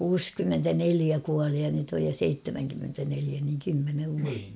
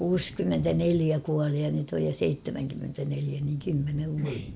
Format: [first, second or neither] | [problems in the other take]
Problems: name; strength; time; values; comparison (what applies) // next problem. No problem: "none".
first | background sound (Thunder / Wind); 17 dB below the speech